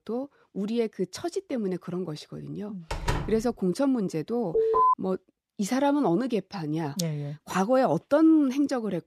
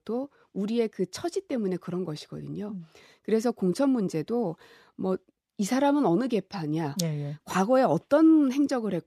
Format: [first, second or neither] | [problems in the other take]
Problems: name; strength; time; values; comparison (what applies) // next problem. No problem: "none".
second | door banging; noticeable; at 3 s; peak 4 dB below the speech // alarm; loud; at 4.5 s; peak 5 dB above the speech